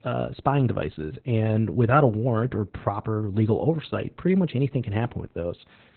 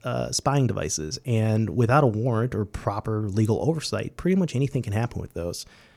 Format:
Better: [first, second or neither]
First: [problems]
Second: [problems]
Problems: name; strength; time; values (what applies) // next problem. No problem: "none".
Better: second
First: garbled, watery; badly; nothing above 4 kHz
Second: none